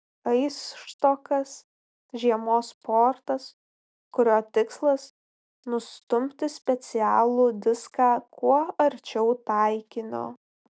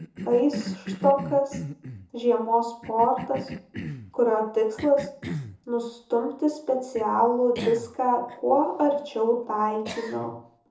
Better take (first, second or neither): first